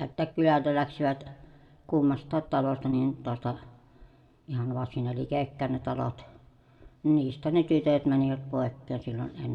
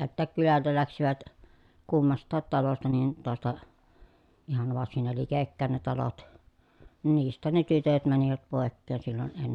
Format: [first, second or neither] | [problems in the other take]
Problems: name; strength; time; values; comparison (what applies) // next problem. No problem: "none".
second | room echo; dies away in 1 s